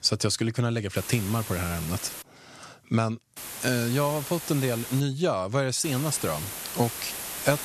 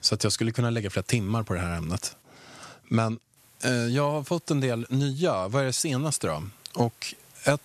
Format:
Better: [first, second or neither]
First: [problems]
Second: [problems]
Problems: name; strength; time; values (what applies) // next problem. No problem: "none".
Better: second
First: hiss; loud; from 1 to 2 s, from 3.5 to 5 s and from 6 s on; 8 dB below the speech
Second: hiss; faint; from 1 to 2 s, from 3.5 to 5 s and from 6 s on; 30 dB below the speech